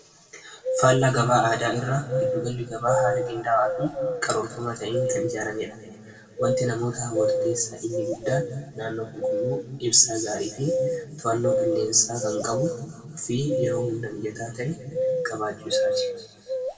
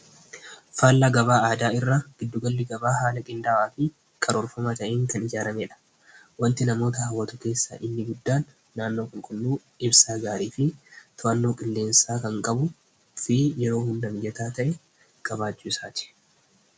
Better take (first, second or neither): second